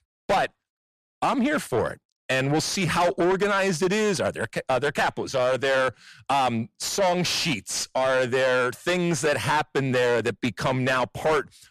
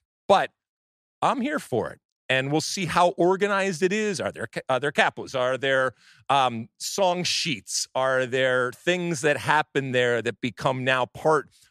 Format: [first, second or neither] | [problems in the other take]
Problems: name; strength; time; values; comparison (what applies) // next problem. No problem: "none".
second | distortion; heavy; 6 dB below the speech